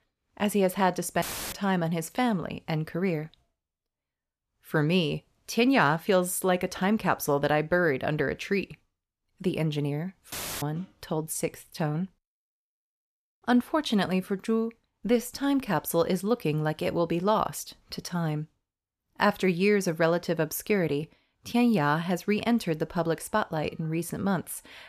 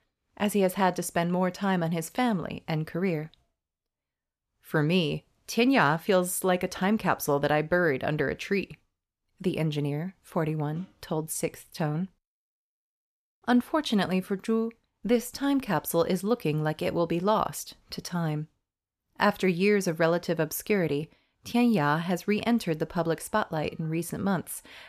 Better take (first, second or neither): second